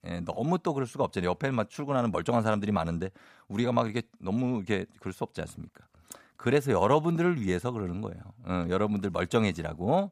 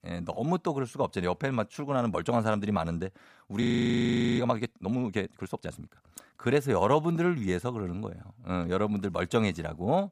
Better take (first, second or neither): first